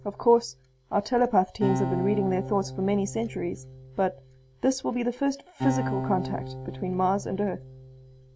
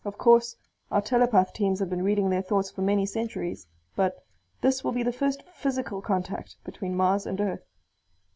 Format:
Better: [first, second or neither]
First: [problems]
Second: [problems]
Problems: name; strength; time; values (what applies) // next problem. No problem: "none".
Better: second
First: background sound (Acoustic guitar); 8 dB below the speech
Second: none